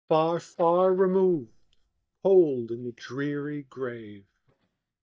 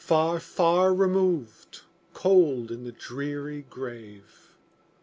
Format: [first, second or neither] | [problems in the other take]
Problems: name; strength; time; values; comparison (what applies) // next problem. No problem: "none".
second | noise reduction (neural mask model DeepFilterNet 3)